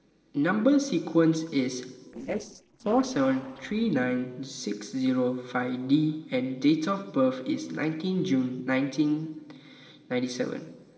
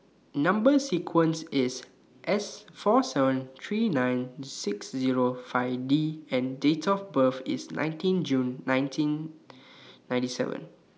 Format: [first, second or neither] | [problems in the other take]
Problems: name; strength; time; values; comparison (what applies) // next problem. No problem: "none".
second | noise reduction (neural separator model SepFormer DNS4)